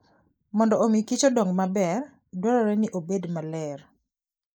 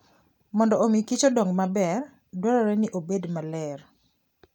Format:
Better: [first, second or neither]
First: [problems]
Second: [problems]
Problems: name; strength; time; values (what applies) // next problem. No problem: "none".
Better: second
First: noise reduction (neural mask model Resemble Enhance denoiser)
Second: none